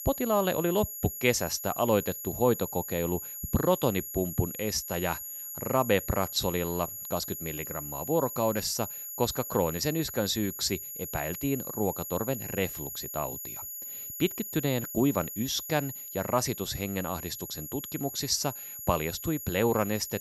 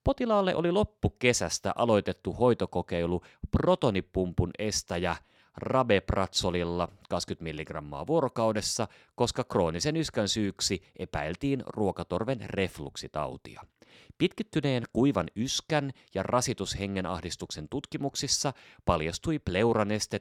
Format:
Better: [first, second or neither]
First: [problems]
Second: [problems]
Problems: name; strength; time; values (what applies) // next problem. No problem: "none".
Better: second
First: high-pitched whine; loud; throughout; 11.5 kHz, 7 dB below the speech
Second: none